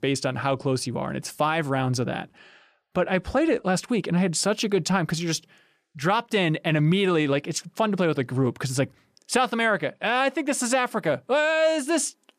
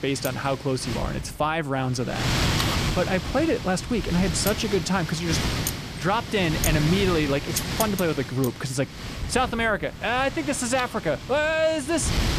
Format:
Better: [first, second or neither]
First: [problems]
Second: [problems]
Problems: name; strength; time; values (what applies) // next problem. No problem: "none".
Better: first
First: none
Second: wind noise on the microphone; heavy; 5 dB below the speech